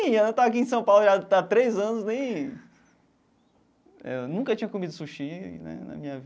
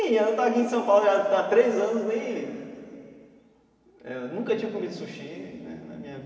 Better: first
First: none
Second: room echo; dies away in 2.7 s

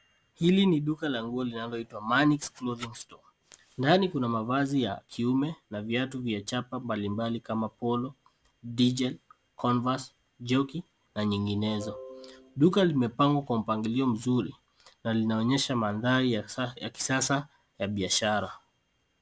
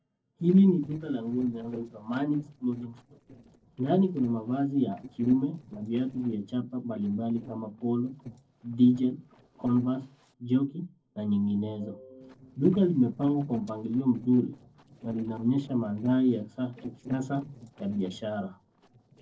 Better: first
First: none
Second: noise reduction (neural separator model SepFormer DNS4)

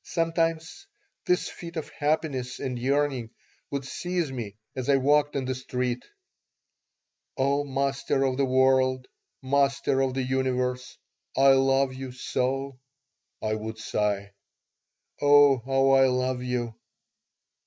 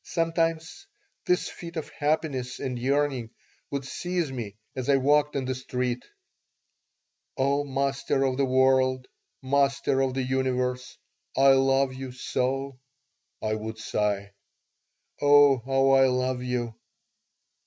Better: second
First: noise reduction (neural mask model Resemble Enhance denoiser)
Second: none

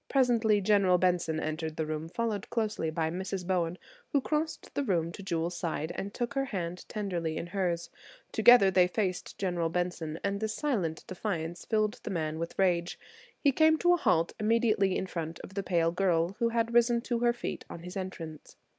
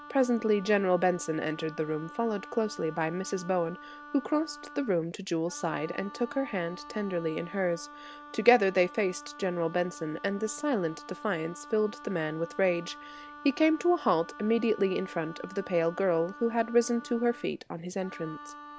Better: first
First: none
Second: background sound (Wind instrument, woodwind instrument); 17 dB below the speech

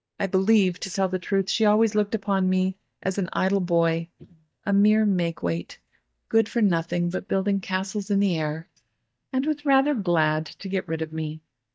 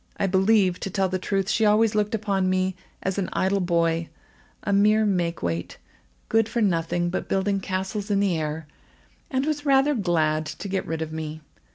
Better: second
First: noise reduction (neural mask model DeepFilterNet 3)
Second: none

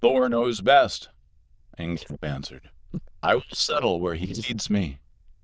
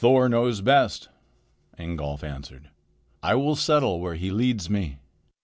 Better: second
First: noise reduction (neural diffusion model UNIVERSE++)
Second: none

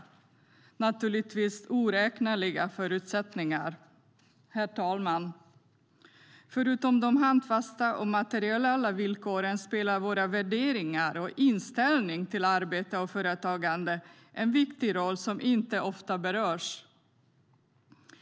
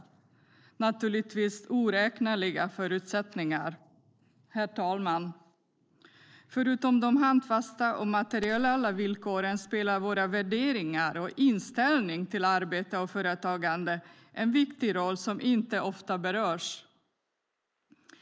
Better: first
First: none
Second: noise reduction (neural mask model Resemble Enhance denoiser)

